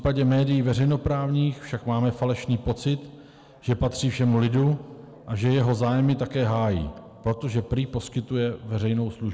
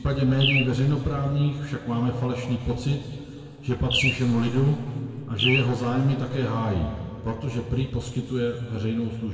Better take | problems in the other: first | background sound (Bird); 6 dB below the speech // room echo; dies away in 2.1 s

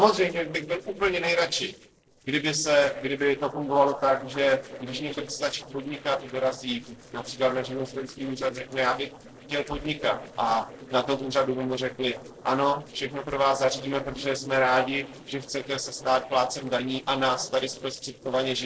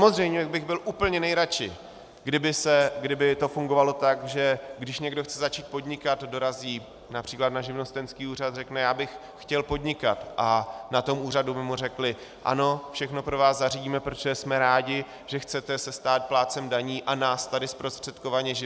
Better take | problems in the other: second | noise reduction (neural separator model SepFormer DNS4)

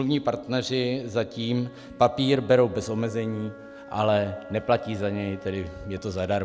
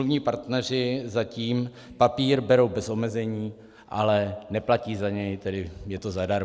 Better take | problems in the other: second | background sound (Wind instrument, woodwind instrument); 19 dB below the speech

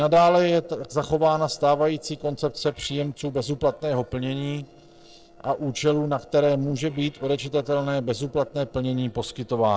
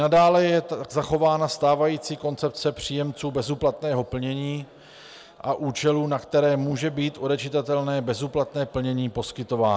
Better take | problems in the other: second | noise reduction (neural separator model SepFormer DNS4)

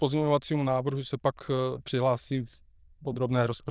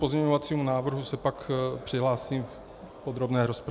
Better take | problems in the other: second | noise reduction (neural diffusion model UNIVERSE++)

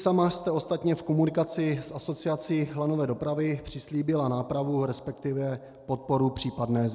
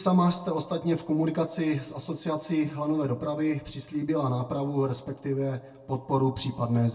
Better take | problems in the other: first | room echo; dies away in 0.1 s

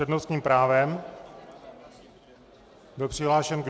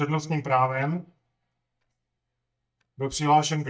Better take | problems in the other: first | noise reduction (neural mask model DeepFilterNet 3)

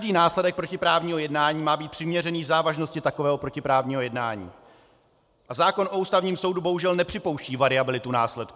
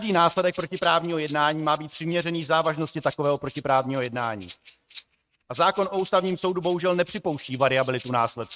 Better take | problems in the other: first | noise reduction (neural mask model RNNoise)

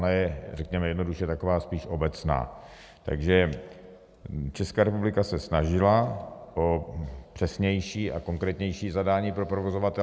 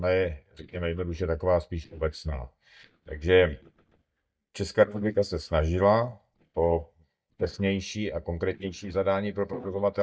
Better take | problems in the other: first | noise reduction (neural mask model DeepFilterNet 3)

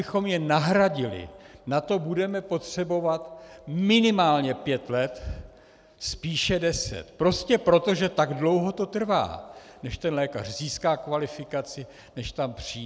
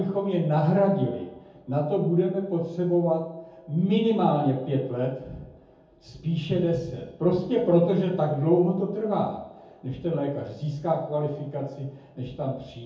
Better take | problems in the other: first | room echo; dies away in 0.7 s

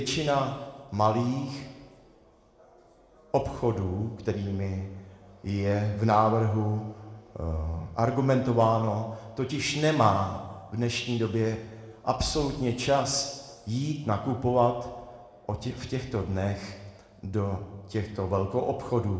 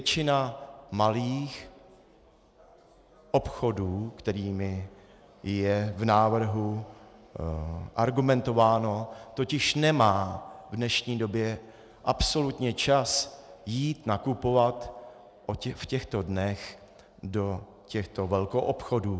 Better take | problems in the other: second | room echo; dies away in 1 s

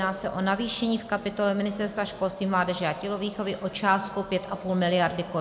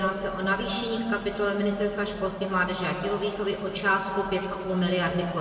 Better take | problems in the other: first | room echo; dies away in 2.3 s

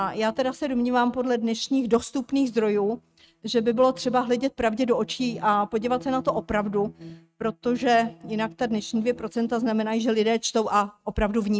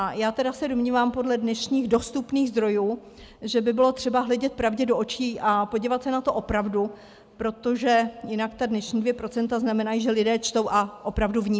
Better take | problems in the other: second | noise reduction (neural mask model RNNoise)

